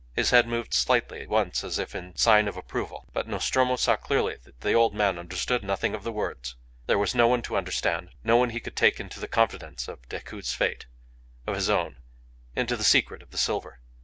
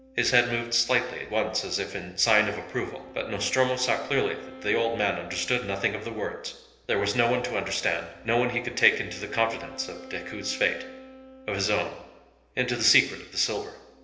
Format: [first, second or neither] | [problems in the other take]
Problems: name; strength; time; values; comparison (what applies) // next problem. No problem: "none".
first | background sound (Wind instrument, woodwind instrument); 20 dB below the speech // room echo; dies away in 0.8 s